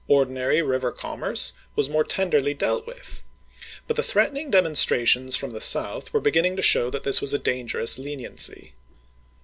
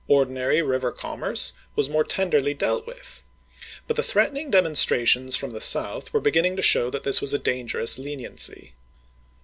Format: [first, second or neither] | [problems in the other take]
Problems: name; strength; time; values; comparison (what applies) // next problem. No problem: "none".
second | background sound (Liquid); 19 dB below the speech